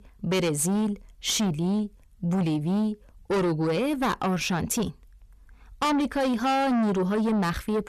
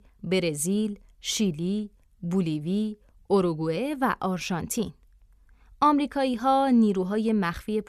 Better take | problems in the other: second | distortion; heavy; 7 dB below the speech

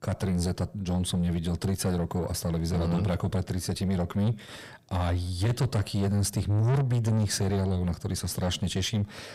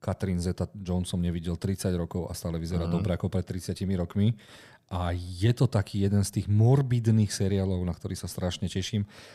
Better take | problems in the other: second | distortion; heavy; 6 dB below the speech

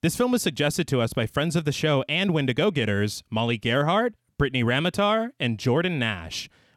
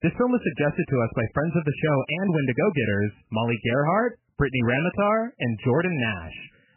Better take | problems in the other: first | garbled, watery; badly; nothing above 3 kHz

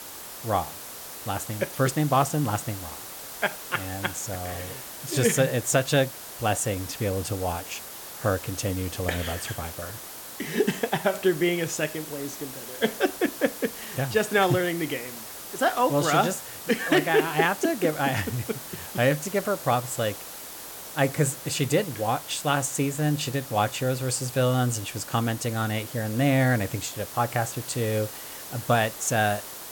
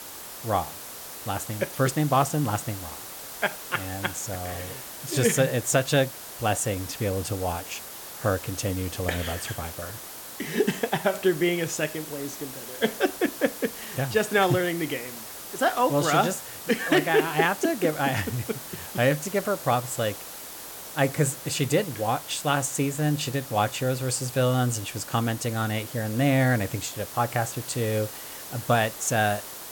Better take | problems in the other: neither | hiss; noticeable; throughout; 10 dB below the speech; the same in both

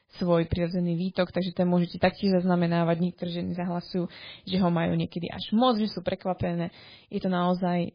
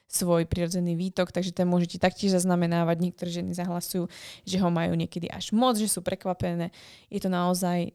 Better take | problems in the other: second | garbled, watery; badly

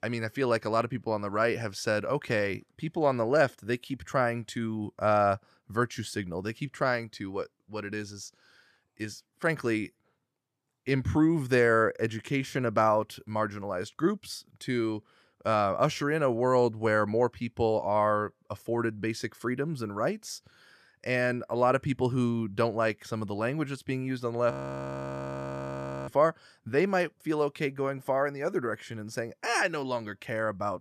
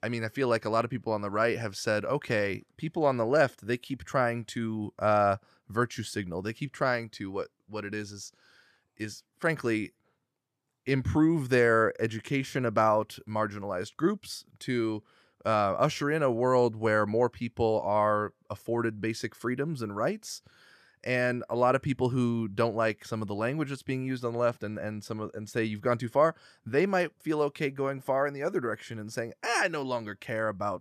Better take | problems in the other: second | audio freezing; at 25 s for 1.5 s

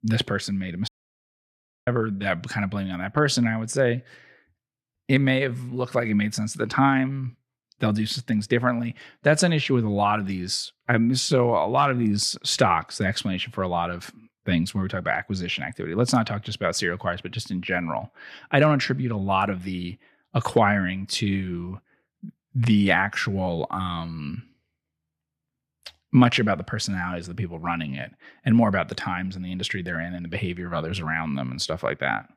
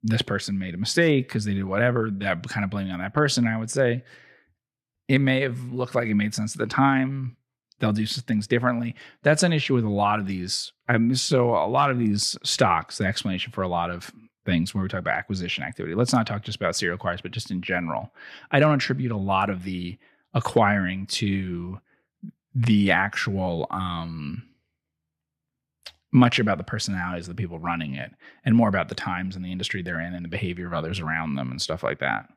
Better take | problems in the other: second | audio cutting out; at 1 s for 1 s

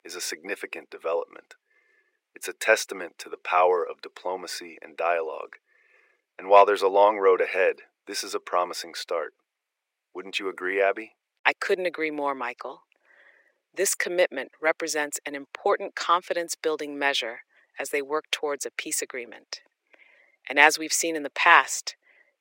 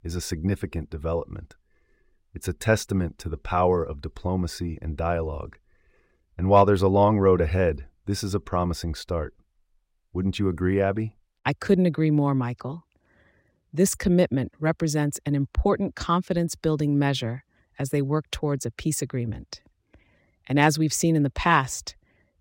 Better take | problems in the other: second | thin; very; fading below 450 Hz

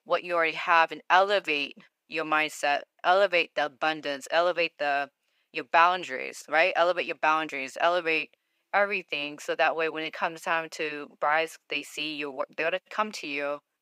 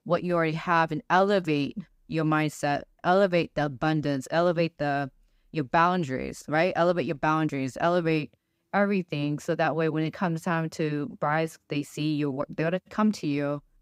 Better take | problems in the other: second | thin; very; fading below 650 Hz

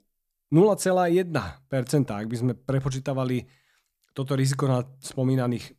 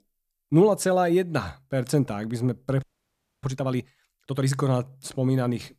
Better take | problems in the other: first | audio freezing; at 3 s for 0.5 s

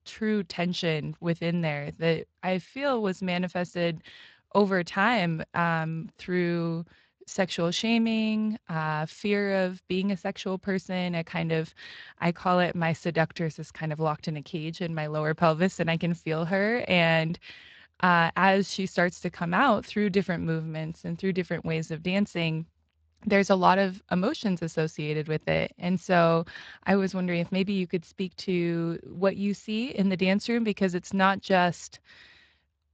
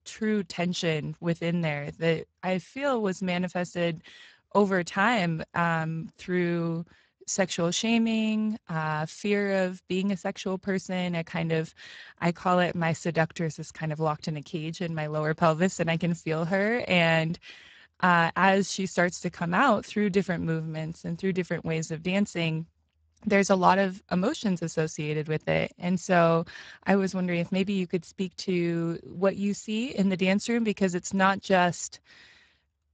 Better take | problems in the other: first | garbled, watery; badly; nothing above 7.5 kHz; slightly in the first

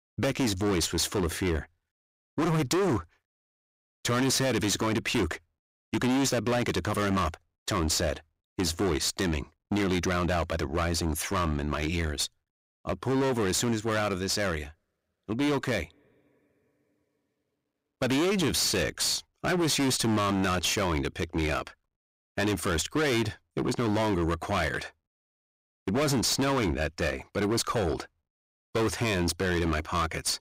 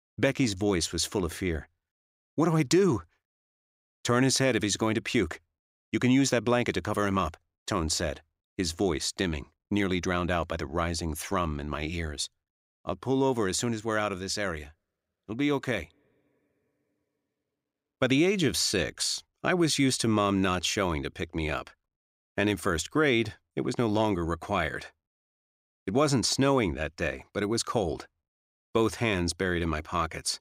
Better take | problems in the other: second | distortion; heavy; 20% of the sound clipped

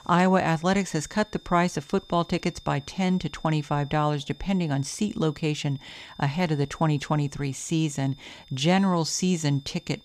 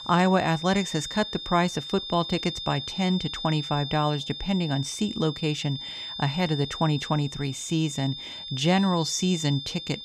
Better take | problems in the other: first | high-pitched whine; loud; throughout; 3.5 kHz, 8 dB below the speech; faint in the first

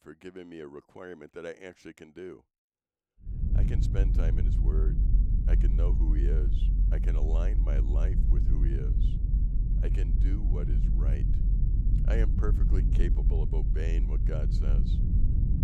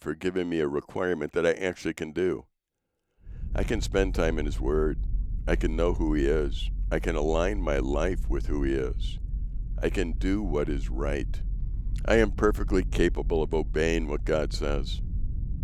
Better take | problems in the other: second | low rumble; loud; from 3.5 s on; 2 dB below the speech; faint in the second

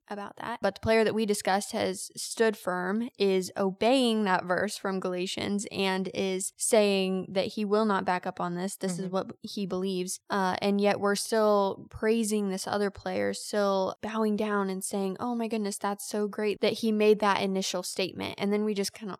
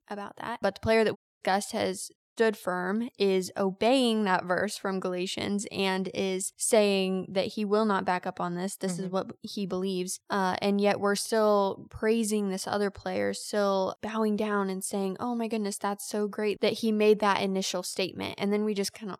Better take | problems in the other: first | audio cutting out; at 1 s and at 2 s

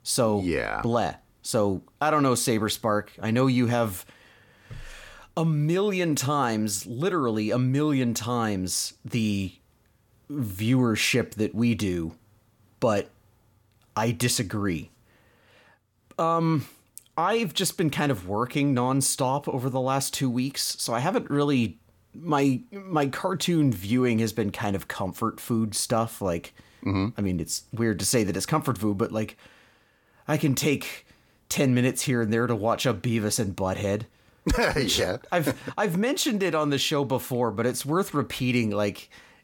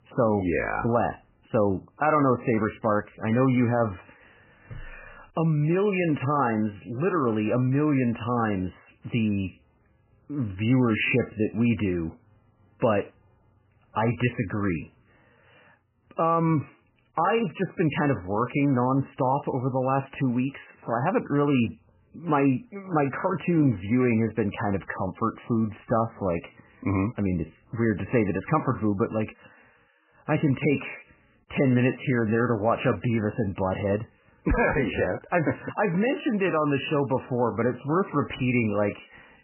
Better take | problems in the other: first | garbled, watery; badly; nothing above 3 kHz

